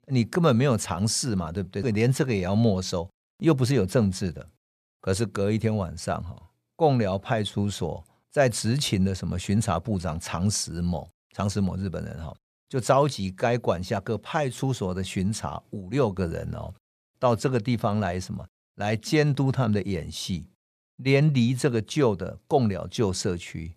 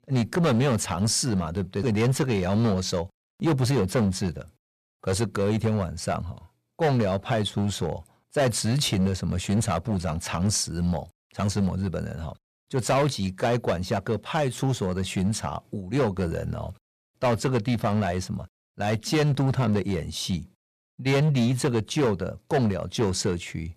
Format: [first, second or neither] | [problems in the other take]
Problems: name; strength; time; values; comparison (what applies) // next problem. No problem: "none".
first | distortion; slight; 9% of the sound clipped